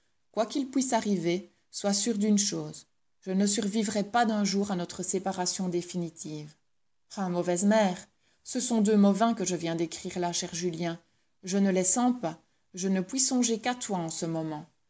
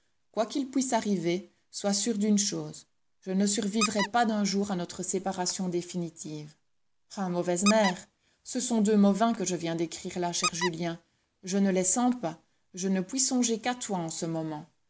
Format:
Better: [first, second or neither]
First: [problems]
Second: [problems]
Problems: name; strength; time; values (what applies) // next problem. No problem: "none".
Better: first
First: none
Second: background sound (Squeak); 8 dB below the speech